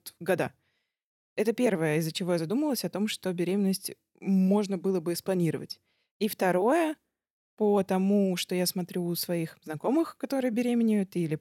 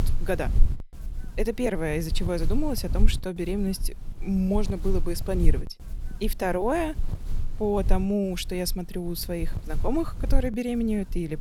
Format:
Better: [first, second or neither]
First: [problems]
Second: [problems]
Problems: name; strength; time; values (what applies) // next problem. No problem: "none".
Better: first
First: none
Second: wind noise on the microphone; occasional gusts; 20 dB below the speech